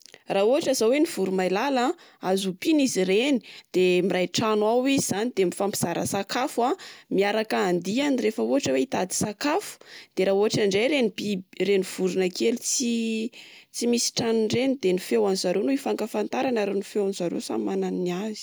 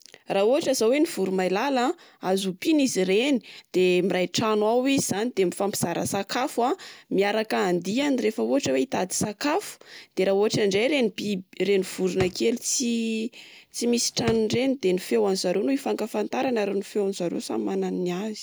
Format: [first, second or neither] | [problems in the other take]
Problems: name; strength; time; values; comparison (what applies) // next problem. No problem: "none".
first | background sound (Drawer open or close); 13 dB below the speech